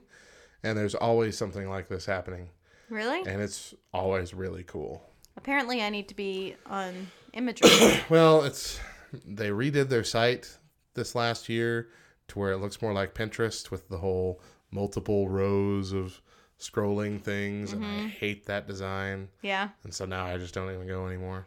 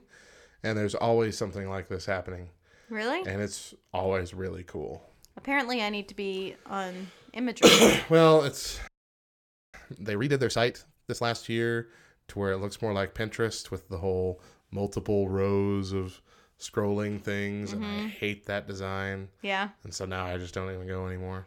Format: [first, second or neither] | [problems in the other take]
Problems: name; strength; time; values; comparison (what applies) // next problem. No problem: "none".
first | audio freezing; at 9 s for 1 s